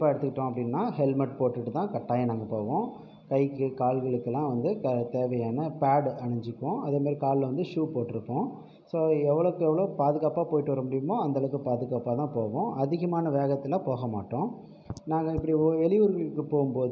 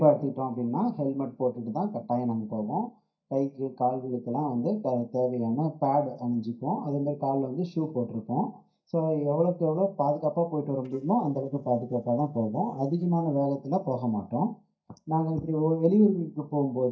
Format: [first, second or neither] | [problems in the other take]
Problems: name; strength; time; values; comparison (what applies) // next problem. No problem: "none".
first | noise reduction (neural mask model DeepFilterNet 3)